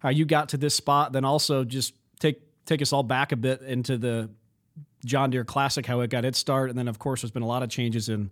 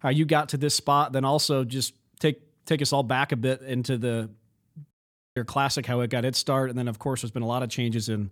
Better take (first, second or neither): first